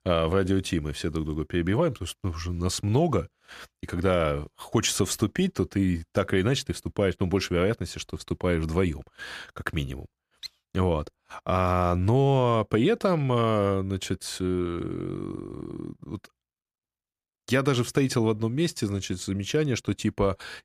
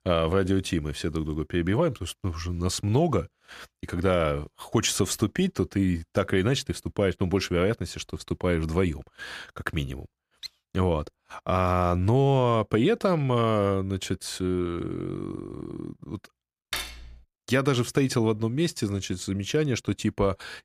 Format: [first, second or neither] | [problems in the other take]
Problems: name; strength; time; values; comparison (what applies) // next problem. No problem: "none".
first | clattering dishes; noticeable; at 17 s; peak 6 dB below the speech